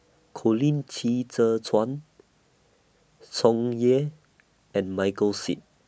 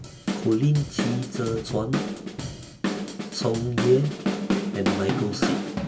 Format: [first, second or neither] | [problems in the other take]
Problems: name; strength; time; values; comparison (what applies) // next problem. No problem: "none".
first | background sound (Drum / Drum kit); 2 dB below the speech // room echo; dies away in 0.2 s